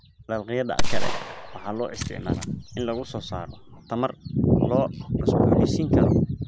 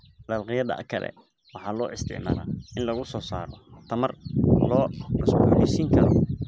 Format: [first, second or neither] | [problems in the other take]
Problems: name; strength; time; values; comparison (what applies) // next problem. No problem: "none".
second | background sound (Gunshot, gunfire); as loud as the speech